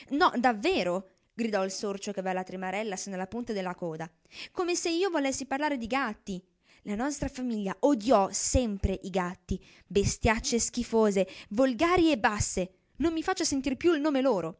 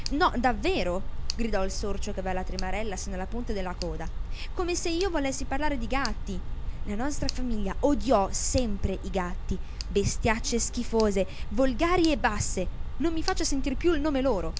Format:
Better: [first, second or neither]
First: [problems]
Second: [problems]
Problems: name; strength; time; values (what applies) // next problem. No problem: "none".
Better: first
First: none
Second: background sound (Tick); 1 dB below the speech